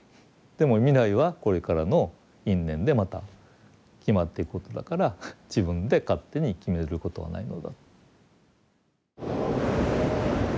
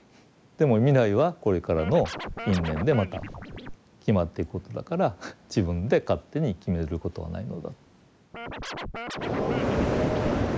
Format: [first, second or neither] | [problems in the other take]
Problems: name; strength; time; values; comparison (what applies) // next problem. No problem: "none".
first | background sound (Scratching (performance technique)); 10 dB below the speech